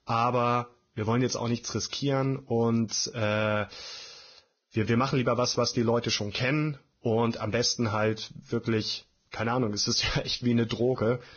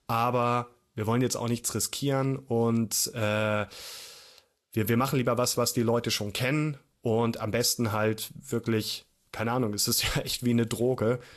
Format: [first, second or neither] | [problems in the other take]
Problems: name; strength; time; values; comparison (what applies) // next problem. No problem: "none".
second | garbled, watery; badly; nothing above 6.5 kHz; slightly in the second